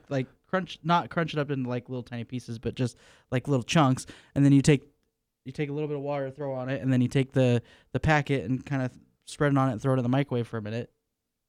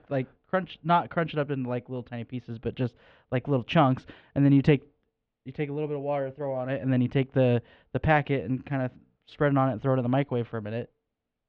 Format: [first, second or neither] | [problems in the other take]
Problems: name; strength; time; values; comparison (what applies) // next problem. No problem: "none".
first | muffled; very; fading above 3.5 kHz